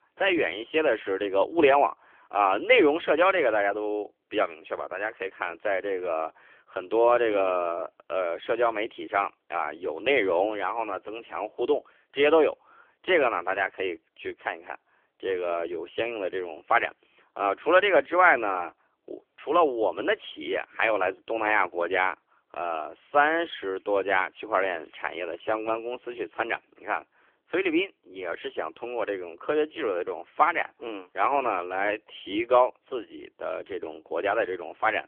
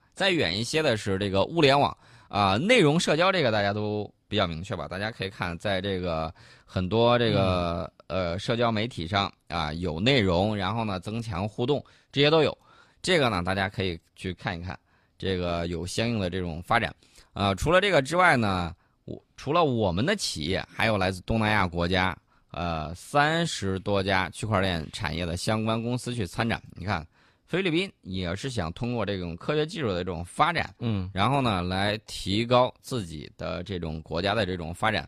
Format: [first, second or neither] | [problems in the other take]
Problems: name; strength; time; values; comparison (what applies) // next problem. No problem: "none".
second | phone-call audio; nothing above 3.5 kHz